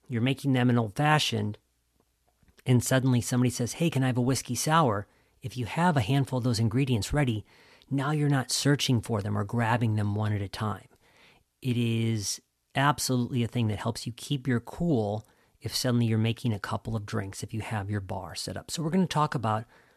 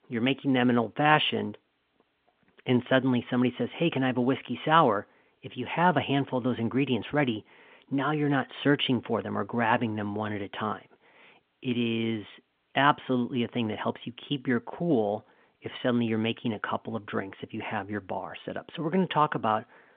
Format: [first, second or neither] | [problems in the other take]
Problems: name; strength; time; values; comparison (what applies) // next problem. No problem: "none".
first | phone-call audio; nothing above 3.5 kHz